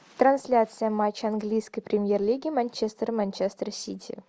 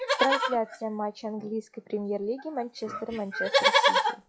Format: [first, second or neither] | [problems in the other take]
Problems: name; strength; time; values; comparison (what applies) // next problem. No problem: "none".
first | noise reduction (classical method log-MMSE)